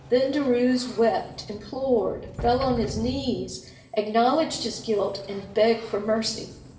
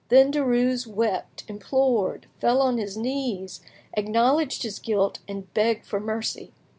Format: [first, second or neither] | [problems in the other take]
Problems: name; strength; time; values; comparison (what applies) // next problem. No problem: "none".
second | background sound (Sliding door); 15 dB below the speech // room echo; dies away in 0.9 s